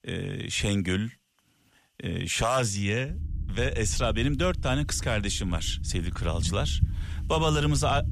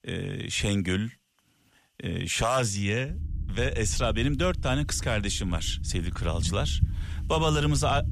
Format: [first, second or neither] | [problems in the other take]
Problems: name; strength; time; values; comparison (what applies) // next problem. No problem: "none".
neither | low rumble; noticeable; from 3 s on; 20 dB below the speech; the same in both